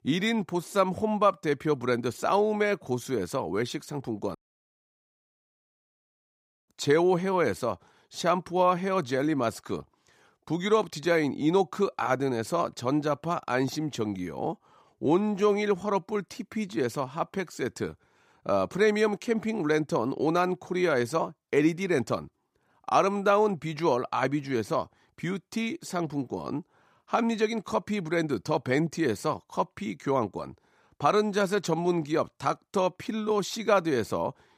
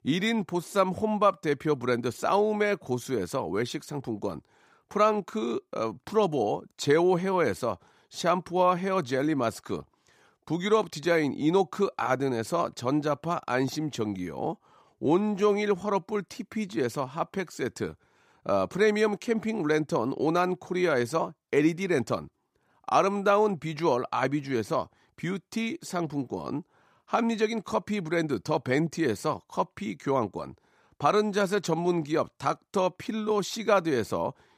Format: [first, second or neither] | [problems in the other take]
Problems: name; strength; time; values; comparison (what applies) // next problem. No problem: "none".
second | audio cutting out; at 4.5 s for 2.5 s